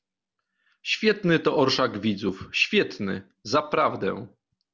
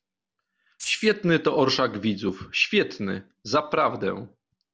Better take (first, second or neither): first